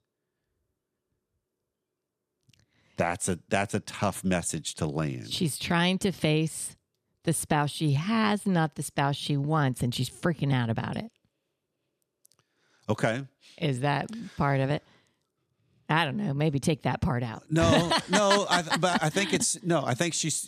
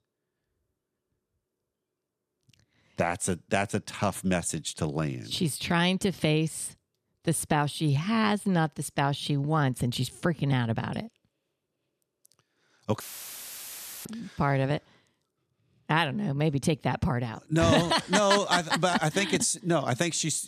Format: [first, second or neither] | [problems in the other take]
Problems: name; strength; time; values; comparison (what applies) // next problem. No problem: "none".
first | audio cutting out; filled with static; at 13 s for 1 s